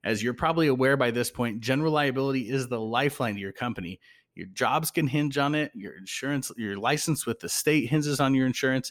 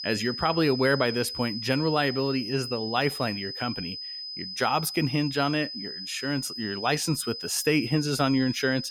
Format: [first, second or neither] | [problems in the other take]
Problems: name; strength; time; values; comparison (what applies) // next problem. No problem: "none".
first | high-pitched whine; loud; throughout; 5 kHz, 7 dB below the speech